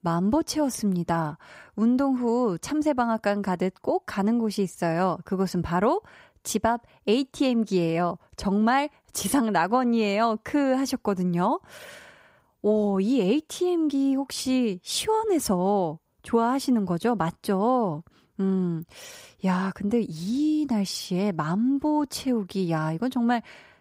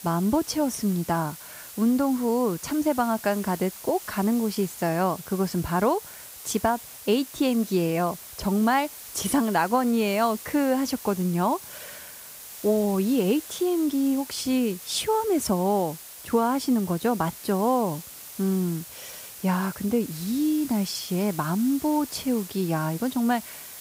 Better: first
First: none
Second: hiss; noticeable; throughout; 15 dB below the speech

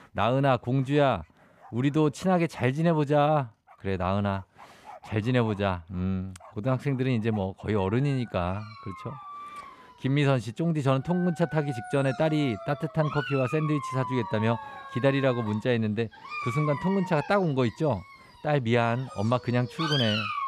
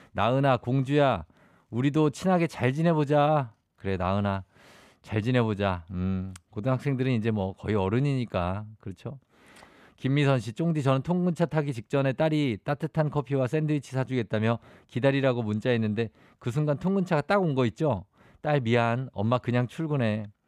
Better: second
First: animal sounds; noticeable; throughout; 10 dB below the speech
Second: none

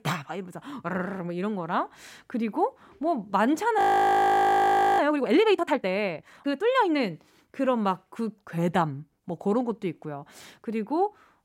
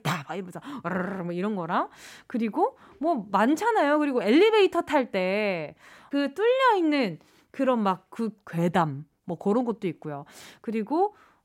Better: second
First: audio freezing; at 4 s for 1 s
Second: none

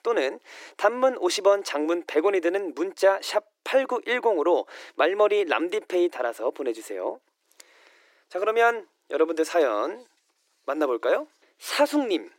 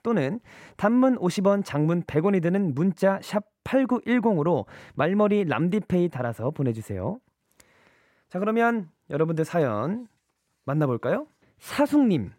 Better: second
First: thin; very; fading below 300 Hz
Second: none

